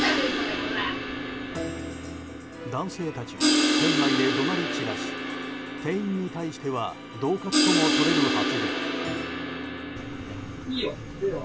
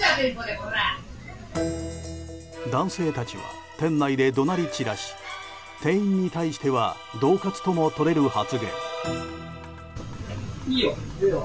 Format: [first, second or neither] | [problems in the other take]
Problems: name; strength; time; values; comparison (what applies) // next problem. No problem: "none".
second | background sound (Crash cymbal); 3 dB above the speech